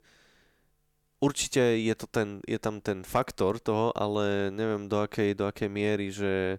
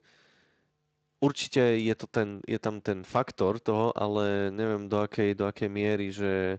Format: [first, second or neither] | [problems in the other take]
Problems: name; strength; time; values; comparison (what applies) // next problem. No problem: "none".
first | garbled, watery; slightly; nothing above 7.5 kHz